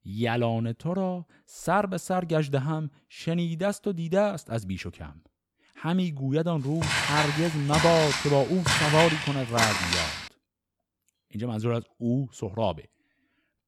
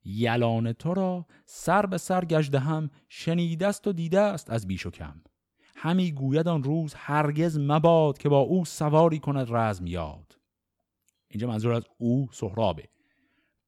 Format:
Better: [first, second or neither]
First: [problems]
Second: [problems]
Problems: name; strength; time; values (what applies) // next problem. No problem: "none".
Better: second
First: footsteps; loud; from 7 to 10 s; peak 5 dB above the speech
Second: none